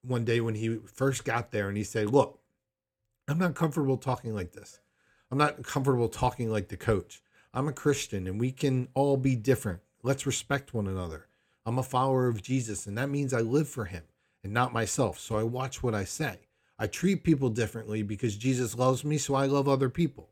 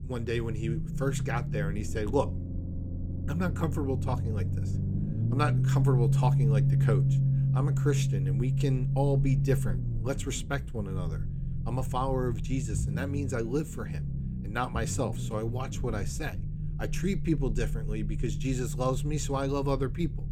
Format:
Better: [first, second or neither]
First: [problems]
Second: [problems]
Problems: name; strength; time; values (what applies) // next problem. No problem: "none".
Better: first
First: none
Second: low rumble; loud; throughout; 7 dB below the speech